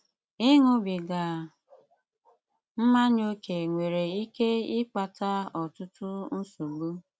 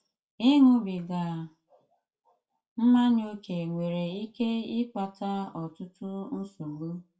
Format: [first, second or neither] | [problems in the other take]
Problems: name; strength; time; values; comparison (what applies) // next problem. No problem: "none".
first | room echo; dies away in 0.2 s